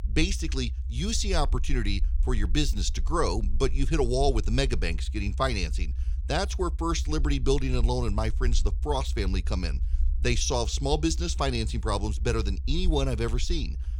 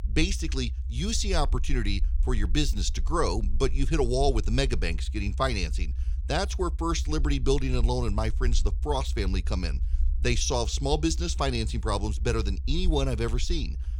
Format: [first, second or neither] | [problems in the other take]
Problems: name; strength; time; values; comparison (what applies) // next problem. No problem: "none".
neither | low rumble; faint; throughout; 20 dB below the speech; the same in both